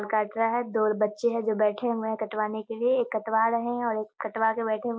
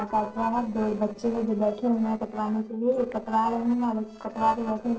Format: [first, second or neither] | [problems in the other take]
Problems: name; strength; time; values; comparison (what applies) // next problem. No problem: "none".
first | noise reduction (neural separator model SepFormer DNS4)